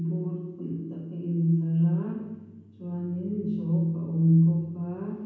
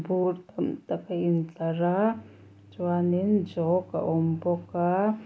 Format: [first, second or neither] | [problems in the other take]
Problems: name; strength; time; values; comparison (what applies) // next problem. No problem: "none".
second | room echo; dies away in 1.2 s